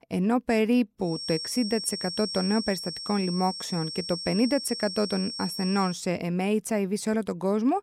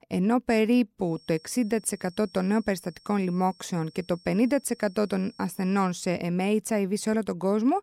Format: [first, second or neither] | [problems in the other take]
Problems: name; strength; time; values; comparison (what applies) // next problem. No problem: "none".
second | high-pitched whine; loud; from 1 to 6 s; 5.5 kHz, 6 dB below the speech; faint in the second